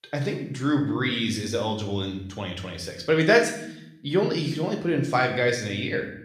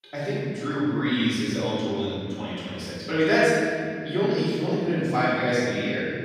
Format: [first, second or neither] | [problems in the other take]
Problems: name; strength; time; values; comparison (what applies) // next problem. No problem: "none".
first | room echo; strong; dies away in 2.7 s; slight in the first // off-mic speech; far; somewhat distant in the first